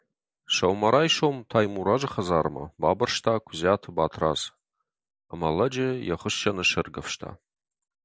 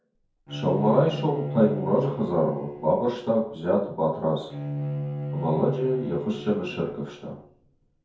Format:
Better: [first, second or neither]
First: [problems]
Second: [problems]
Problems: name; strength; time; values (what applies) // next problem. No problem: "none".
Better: first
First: none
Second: background sound (Bowed string instrument); 8 dB below the speech // room echo; dies away in 0.6 s